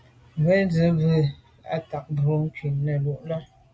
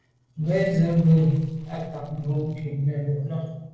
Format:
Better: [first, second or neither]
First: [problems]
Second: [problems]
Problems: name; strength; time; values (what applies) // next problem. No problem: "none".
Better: first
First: none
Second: noise reduction (neural separator model SepFormer DNS4)